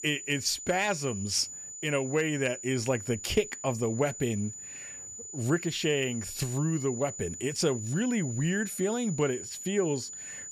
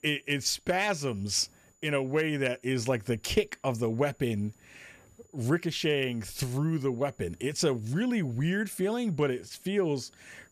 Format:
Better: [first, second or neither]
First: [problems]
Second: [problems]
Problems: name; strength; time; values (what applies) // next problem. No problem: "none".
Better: second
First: high-pitched whine; loud; throughout; 7 kHz, 9 dB below the speech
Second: high-pitched whine; faint; throughout; 7 kHz, 35 dB below the speech